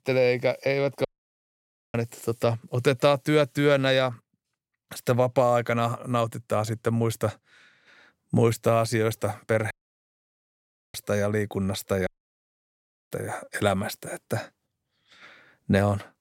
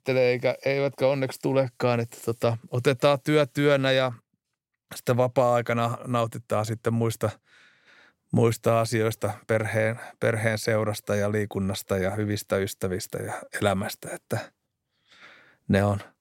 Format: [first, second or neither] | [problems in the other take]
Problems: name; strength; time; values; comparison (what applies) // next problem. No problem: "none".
second | audio cutting out; at 1 s for 1 s, at 9.5 s for 1 s and at 12 s for 1 s